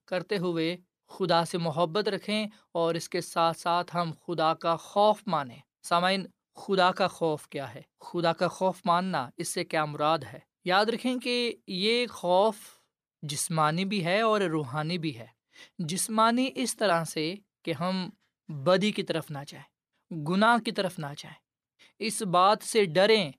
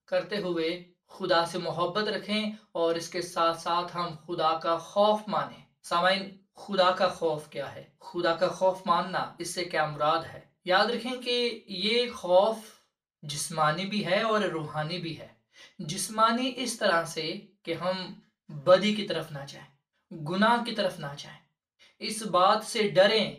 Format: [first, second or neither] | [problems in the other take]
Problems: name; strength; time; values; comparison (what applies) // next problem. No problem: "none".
first | room echo; very slight; dies away in 0.3 s // off-mic speech; far